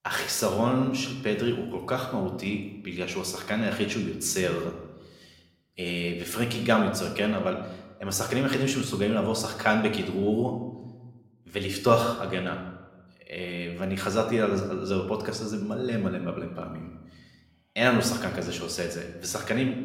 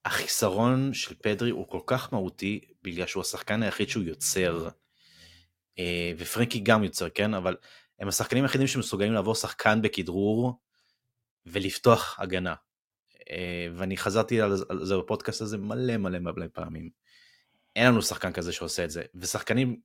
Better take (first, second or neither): second